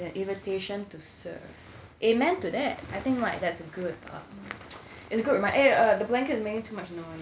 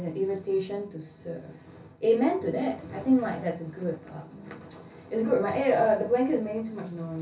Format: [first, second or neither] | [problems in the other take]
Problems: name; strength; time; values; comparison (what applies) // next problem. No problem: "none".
first | room echo; dies away in 0.3 s